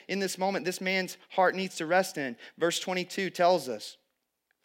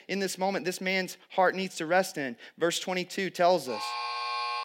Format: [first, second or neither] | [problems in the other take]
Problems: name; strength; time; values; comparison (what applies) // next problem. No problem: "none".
first | alarm; noticeable; at 3.5 s; peak 2 dB below the speech